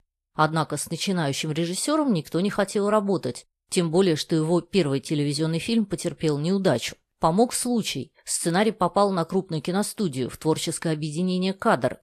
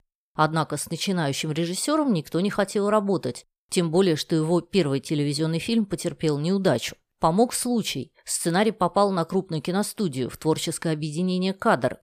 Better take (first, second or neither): second